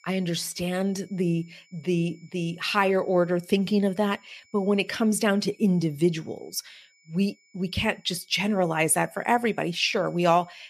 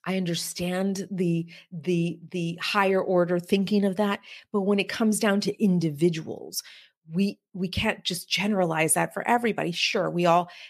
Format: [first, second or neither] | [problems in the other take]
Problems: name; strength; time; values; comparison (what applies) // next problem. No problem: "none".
second | high-pitched whine; faint; throughout; 2.5 kHz, 35 dB below the speech